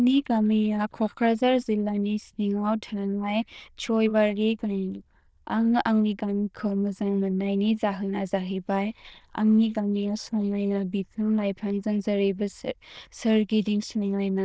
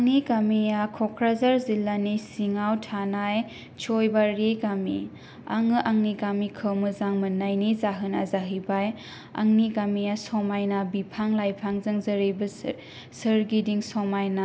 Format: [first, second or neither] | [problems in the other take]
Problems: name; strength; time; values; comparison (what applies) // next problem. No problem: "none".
second | noise reduction (neural diffusion model UNIVERSE++)